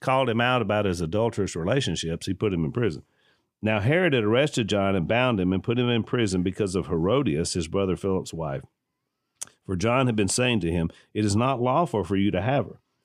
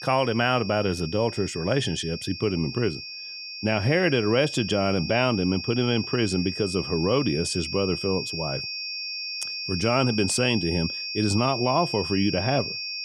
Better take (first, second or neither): first